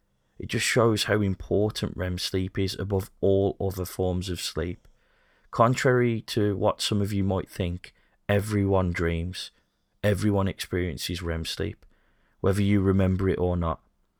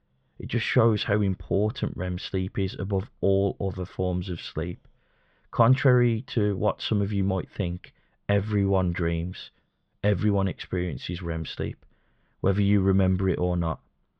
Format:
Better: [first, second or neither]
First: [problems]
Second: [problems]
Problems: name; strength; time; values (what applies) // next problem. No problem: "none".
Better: first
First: none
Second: muffled; slightly; fading above 3.5 kHz